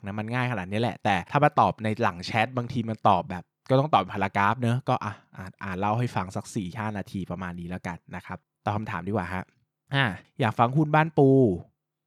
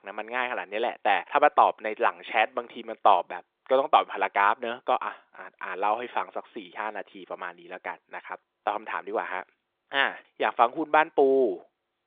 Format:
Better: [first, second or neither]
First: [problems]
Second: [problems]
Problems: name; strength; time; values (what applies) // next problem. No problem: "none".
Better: first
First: none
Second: phone-call audio; nothing above 3 kHz